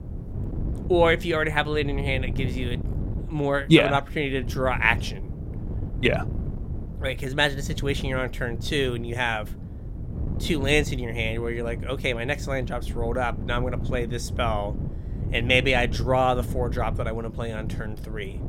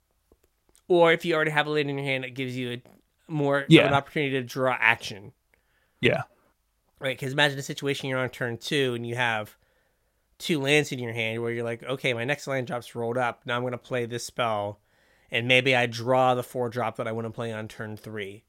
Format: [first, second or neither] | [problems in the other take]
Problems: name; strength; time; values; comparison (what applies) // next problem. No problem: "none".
second | wind noise on the microphone; occasional gusts; 20 dB below the speech